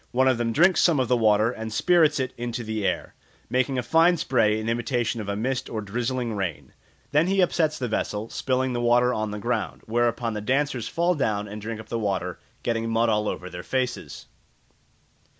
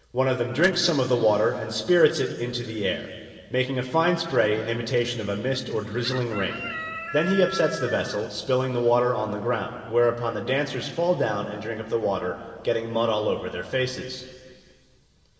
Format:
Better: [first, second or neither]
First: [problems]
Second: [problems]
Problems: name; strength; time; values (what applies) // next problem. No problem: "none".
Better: first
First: none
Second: background sound (Chicken, rooster); 9 dB below the speech // room echo; dies away in 2.8 s